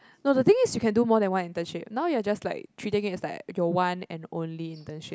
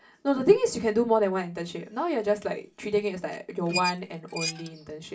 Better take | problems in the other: first | background sound (Squeak); 12 dB below the speech // room echo; dies away in 0.2 s

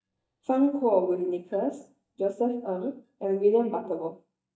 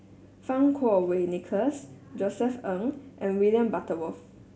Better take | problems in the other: second | noise reduction (neural mask model DeepFilterNet 3)

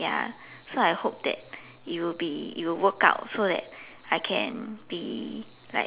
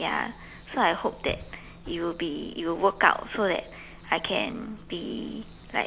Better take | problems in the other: first | background sound (Bus / Engine); 18 dB below the speech

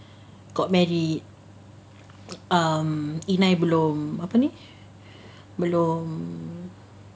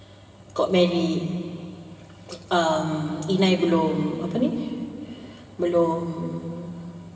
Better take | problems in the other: first | room echo; dies away in 2.6 s

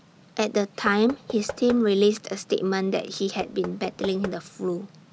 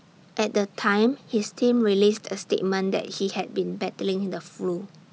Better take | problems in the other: second | background sound (Knock / Wood); 15 dB below the speech

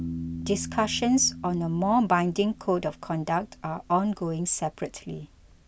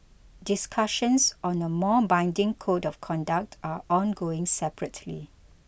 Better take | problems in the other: second | background sound (Piano); 13 dB below the speech

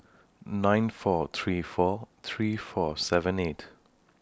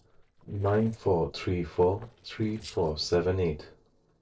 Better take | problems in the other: first | noise reduction (neural separator model SepFormer DNS4)

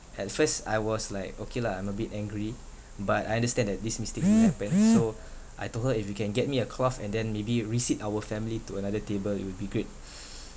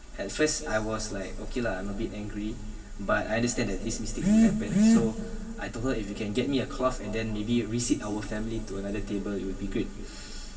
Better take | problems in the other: first | room echo; dies away in 2.4 s

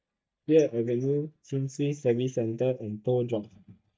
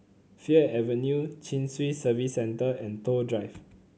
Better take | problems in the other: second | noise reduction (neural mask model DeepFilterNet 3)

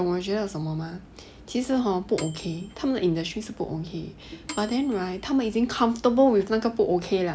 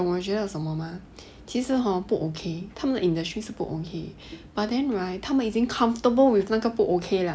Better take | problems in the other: second | background sound (Microwave oven / Bell); 17 dB below the speech

